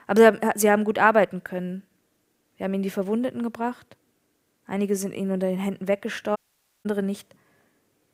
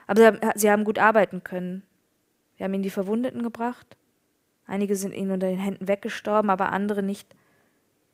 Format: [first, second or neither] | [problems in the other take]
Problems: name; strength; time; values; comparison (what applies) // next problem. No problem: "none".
second | audio cutting out; at 6.5 s